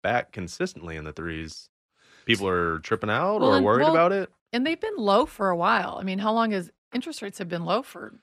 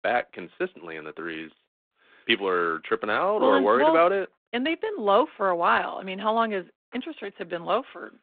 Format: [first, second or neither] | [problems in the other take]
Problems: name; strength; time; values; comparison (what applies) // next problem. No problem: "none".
first | phone-call audio